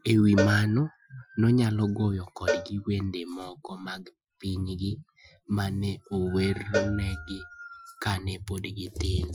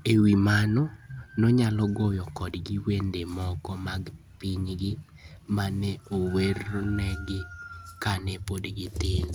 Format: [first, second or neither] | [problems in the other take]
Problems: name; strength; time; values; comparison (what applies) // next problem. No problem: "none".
second | noise reduction (classical method Wiener filter)